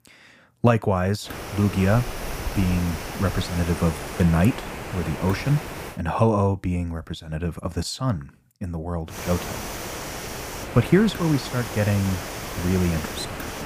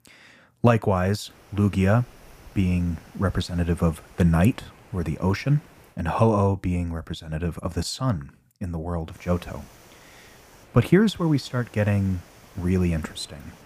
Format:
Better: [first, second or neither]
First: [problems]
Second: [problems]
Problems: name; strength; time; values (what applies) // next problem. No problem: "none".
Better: second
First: hiss; loud; from 1.5 to 6 s and from 9 s on; 8 dB below the speech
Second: hiss; faint; from 1.5 to 6 s and from 9 s on; 25 dB below the speech